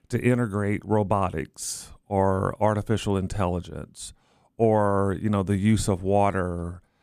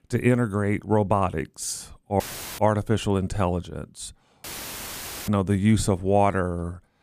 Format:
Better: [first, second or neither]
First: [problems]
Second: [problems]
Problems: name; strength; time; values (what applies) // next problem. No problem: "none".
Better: first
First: none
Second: audio cutting out; filled with static; at 2 s and at 4.5 s for 1 s